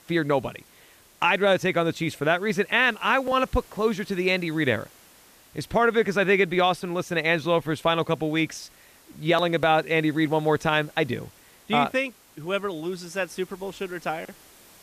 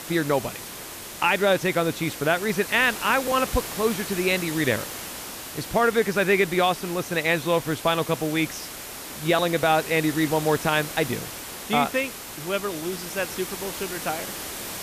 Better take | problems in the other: first | hiss; loud; throughout; 10 dB below the speech; faint in the first

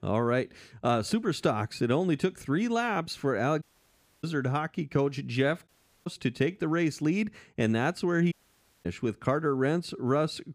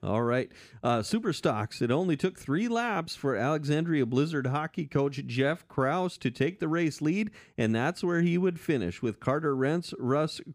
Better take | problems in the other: second | audio cutting out; at 3.5 s for 0.5 s, at 5.5 s and at 8.5 s for 0.5 s

